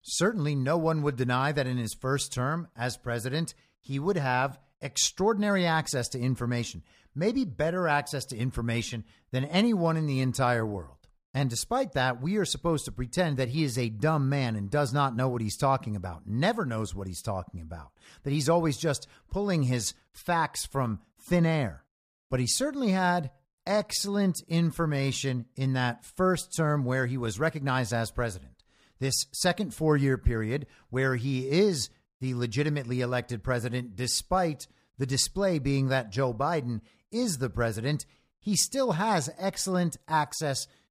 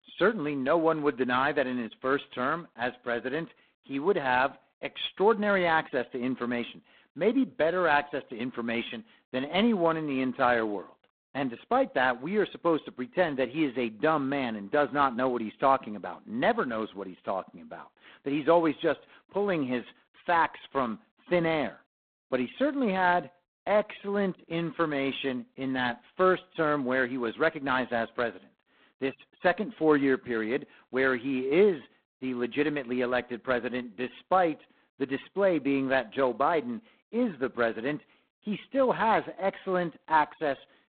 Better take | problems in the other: first | phone-call audio; poor line; nothing above 4 kHz

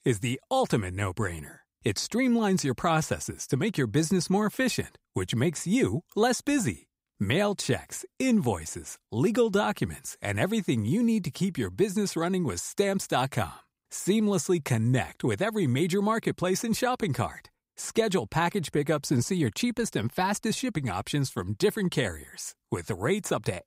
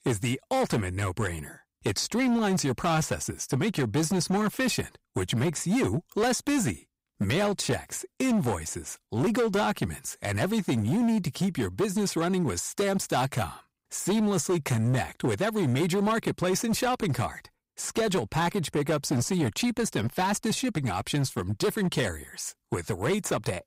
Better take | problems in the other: first | distortion; slight; 13% of the sound clipped

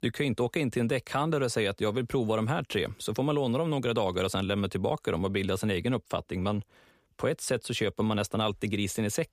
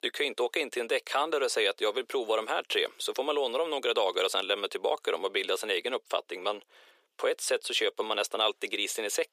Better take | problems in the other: first | thin; very; fading below 400 Hz

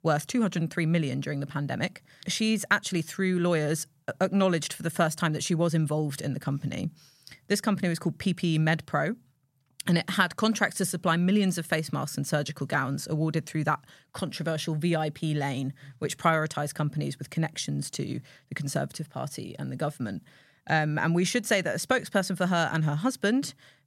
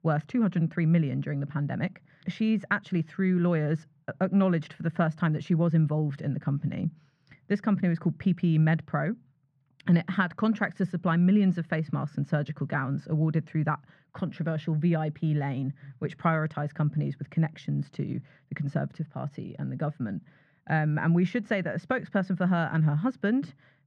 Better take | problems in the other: first | muffled; very; fading above 2 kHz

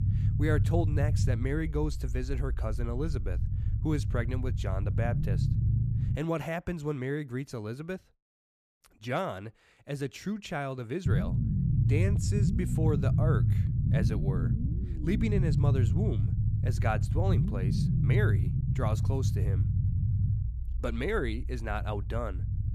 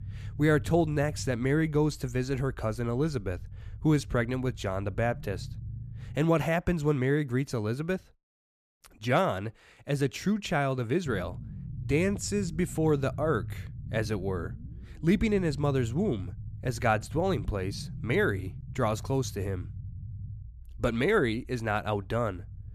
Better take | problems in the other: second | low rumble; loud; until 6 s and from 11 s on; 5 dB below the speech; faint in the second

